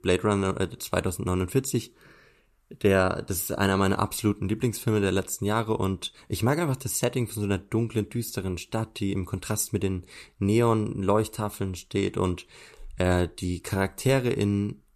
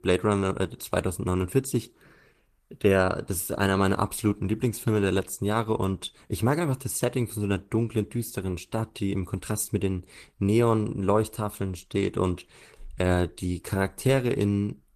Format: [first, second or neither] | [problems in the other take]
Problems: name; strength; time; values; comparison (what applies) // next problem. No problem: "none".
first | garbled, watery; slightly; nothing above 14 kHz